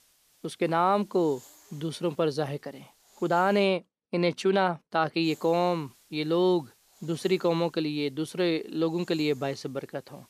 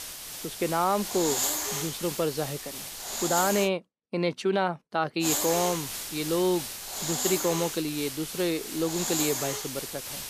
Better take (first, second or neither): first